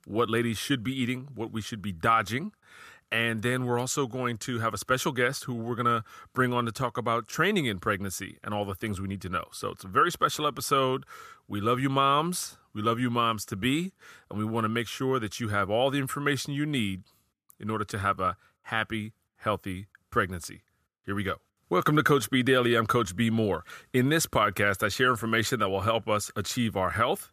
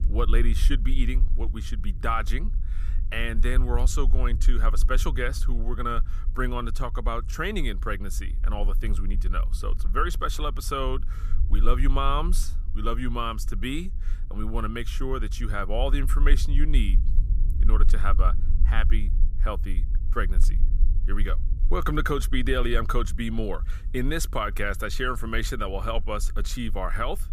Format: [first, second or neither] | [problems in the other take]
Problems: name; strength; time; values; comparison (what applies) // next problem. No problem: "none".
first | low rumble; faint; throughout; 20 dB below the speech